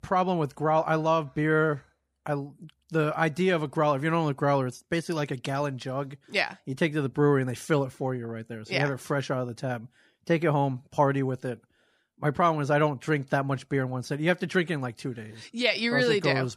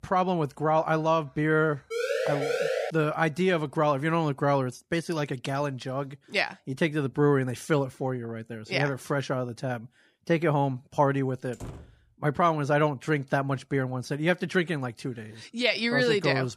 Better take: first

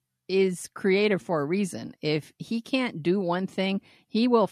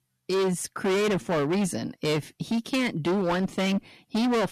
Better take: first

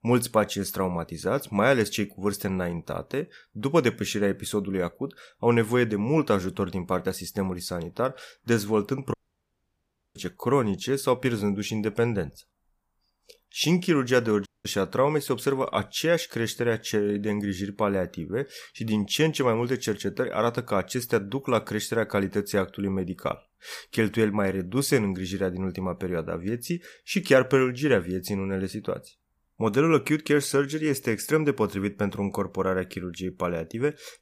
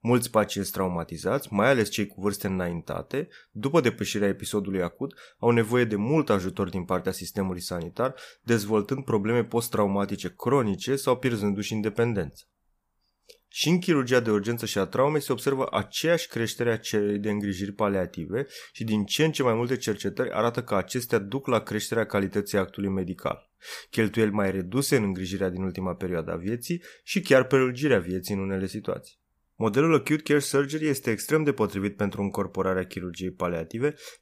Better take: second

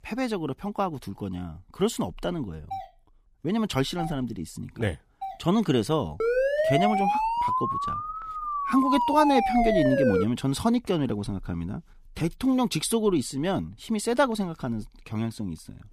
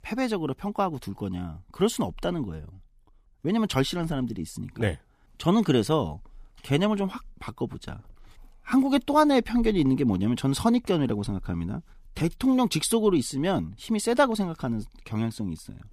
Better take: second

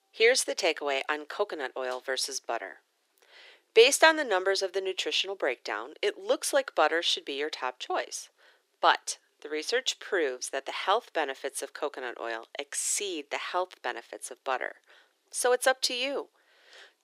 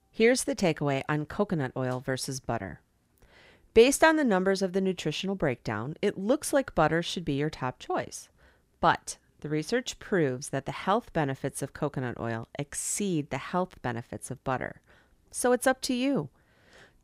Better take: second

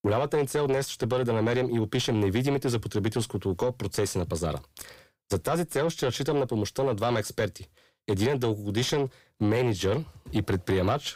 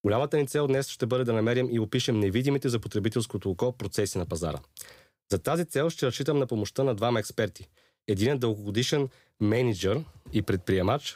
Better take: second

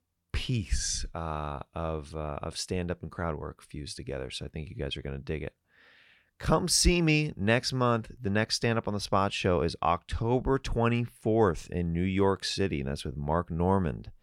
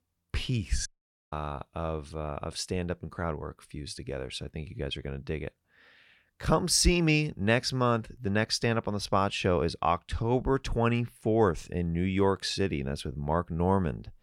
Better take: first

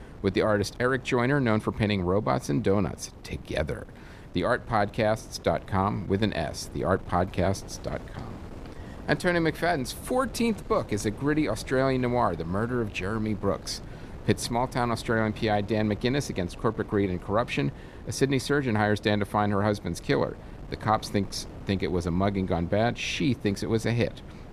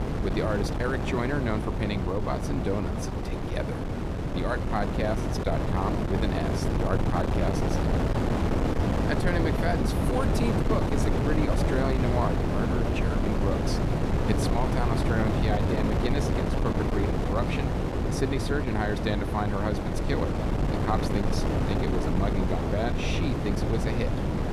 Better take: first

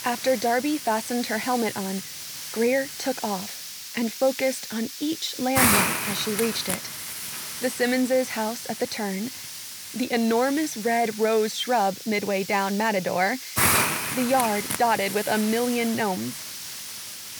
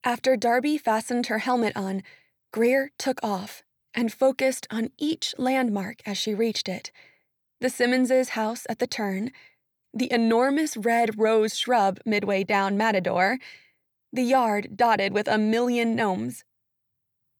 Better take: second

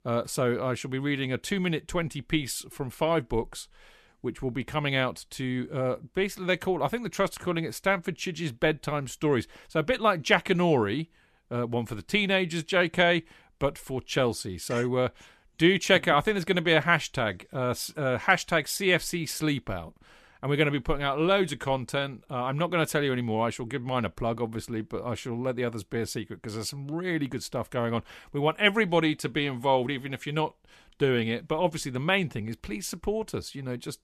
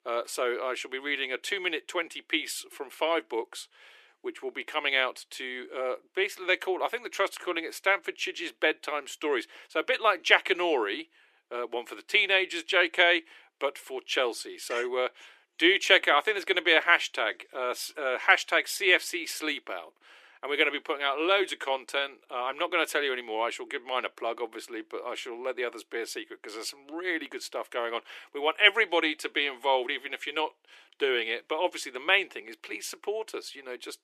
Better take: first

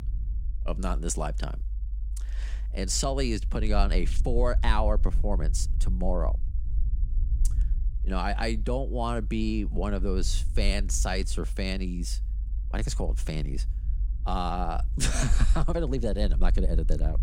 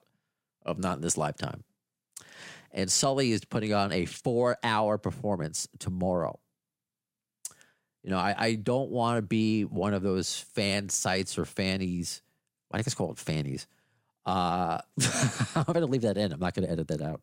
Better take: second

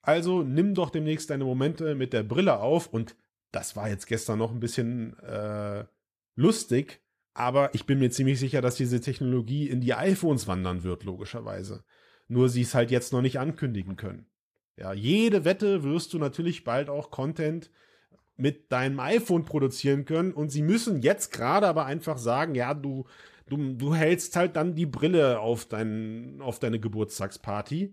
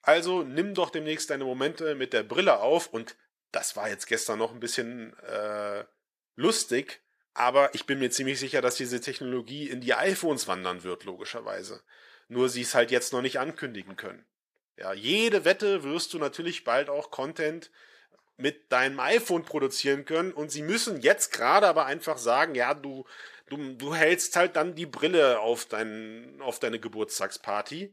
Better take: first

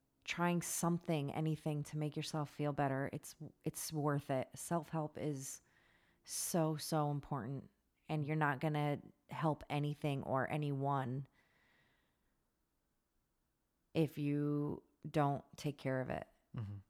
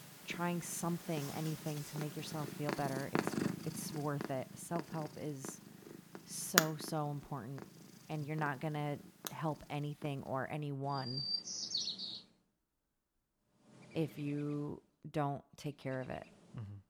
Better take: first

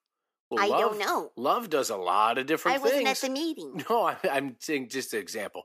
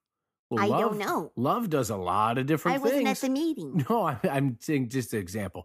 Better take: second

